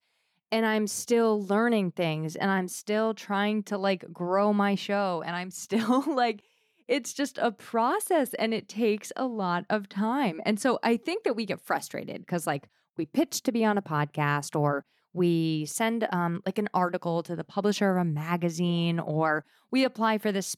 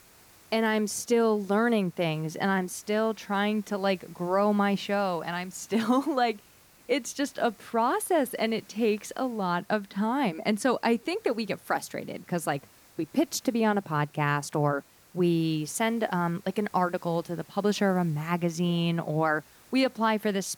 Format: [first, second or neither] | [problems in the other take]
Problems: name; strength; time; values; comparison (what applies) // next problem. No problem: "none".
first | hiss; faint; throughout; 25 dB below the speech